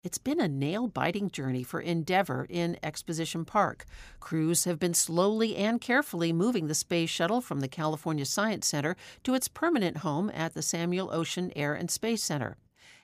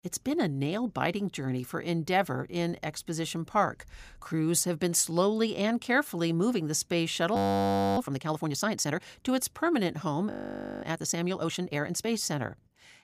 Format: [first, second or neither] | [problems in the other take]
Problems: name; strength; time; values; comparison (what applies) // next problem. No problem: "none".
first | audio freezing; at 7.5 s for 0.5 s and at 10 s for 0.5 s